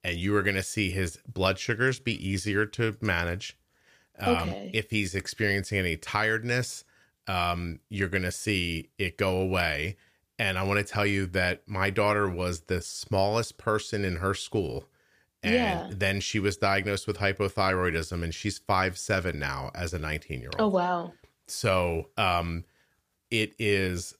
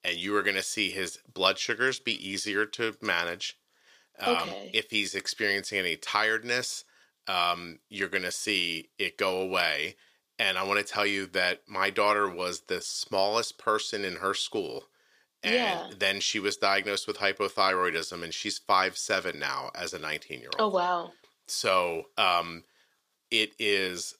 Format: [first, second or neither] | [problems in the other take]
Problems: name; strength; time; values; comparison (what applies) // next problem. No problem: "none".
first | thin; somewhat; fading below 300 Hz